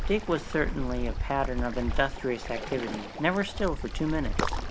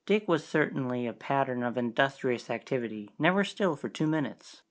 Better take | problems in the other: second | background sound (Waves, surf); 2 dB below the speech

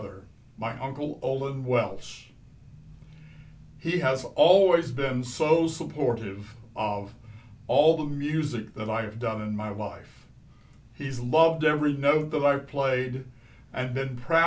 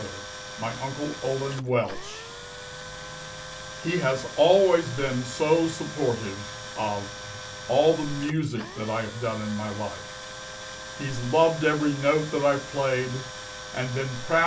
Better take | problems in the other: first | background sound (Tools); 12 dB below the speech

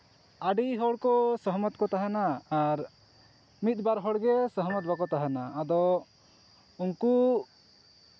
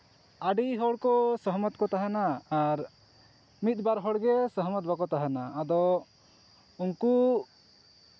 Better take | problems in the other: second | background sound (Piano); 19 dB below the speech

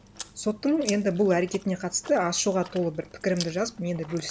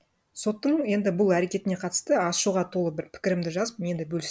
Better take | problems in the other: second | background sound (Chewing, mastication); 17 dB below the speech

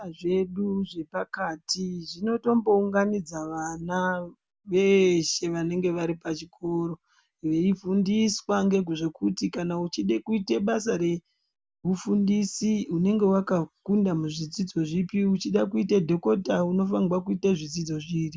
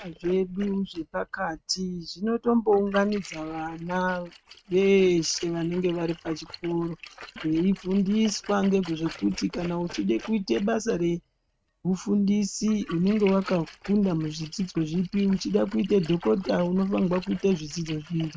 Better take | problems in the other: first | noise reduction (neural mask model RNNoise)

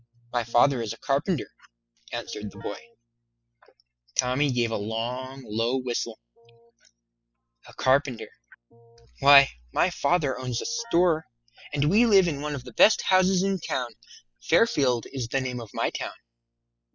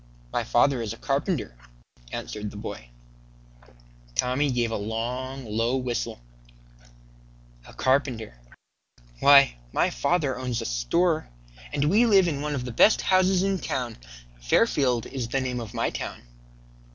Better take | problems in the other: second | noise reduction (classical method spectral subtraction)

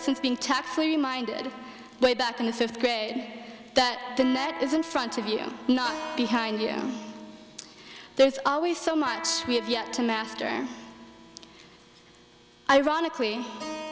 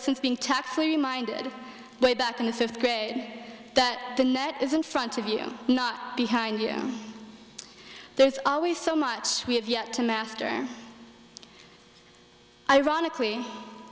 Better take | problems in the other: second | background sound (Keyboard (musical) + Electric guitar); 16 dB below the speech

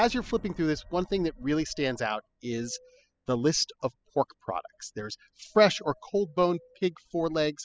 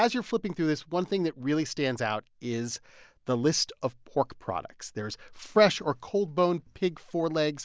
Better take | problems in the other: second | noise reduction (classical method spectral subtraction)

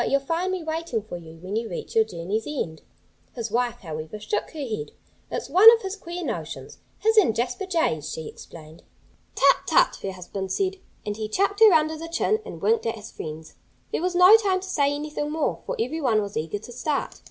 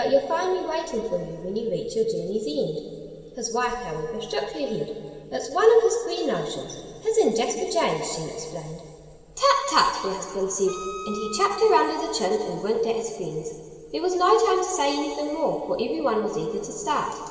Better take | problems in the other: first | background sound (Wind instrument, woodwind instrument); 14 dB below the speech // room echo; dies away in 2.3 s

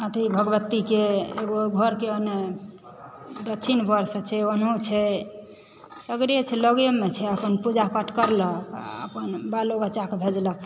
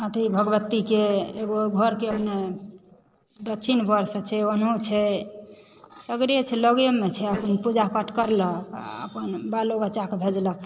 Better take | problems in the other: first | noise reduction (neural separator model SepFormer DNS4)

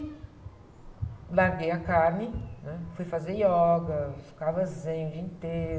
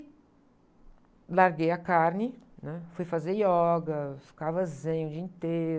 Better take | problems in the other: second | background sound (Dog); 13 dB below the speech // room echo; dies away in 0.9 s

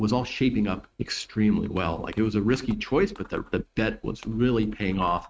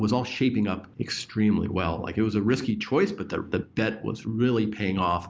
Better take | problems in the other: second | noise reduction (neural mask model RNNoise)

